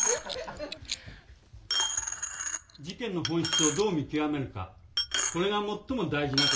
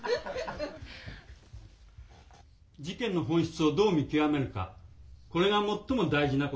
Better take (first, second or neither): second